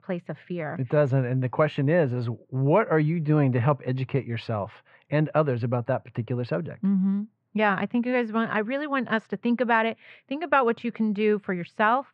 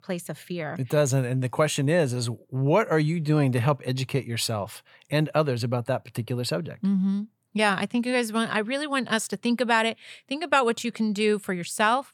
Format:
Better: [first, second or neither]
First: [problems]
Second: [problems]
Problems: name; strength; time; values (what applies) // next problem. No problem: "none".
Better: second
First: muffled; very; fading above 2 kHz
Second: none